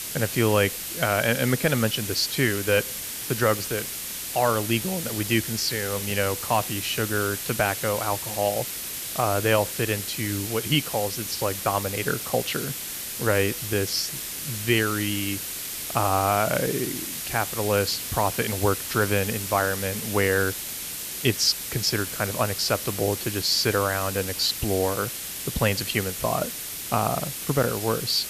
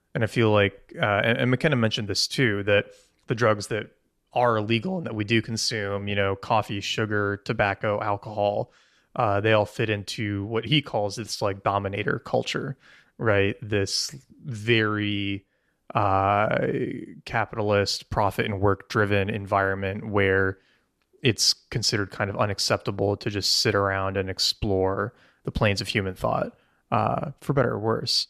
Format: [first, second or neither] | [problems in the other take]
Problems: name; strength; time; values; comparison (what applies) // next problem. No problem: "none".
second | hiss; loud; throughout; 5 dB below the speech